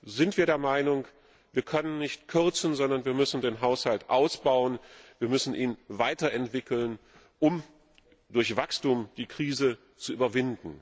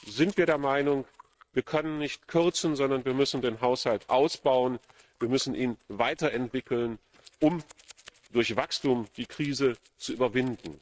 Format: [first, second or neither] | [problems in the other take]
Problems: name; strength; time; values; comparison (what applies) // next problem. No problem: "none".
first | noise reduction (neural mask model RNNoise)